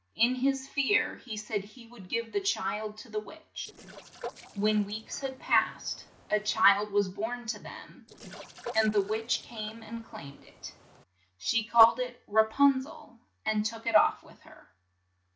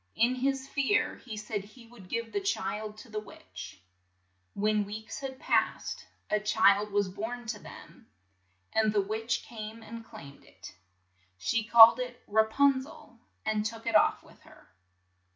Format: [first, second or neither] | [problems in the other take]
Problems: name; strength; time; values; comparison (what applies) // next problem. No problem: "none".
second | noise reduction (neural separator model SepFormer DNS4)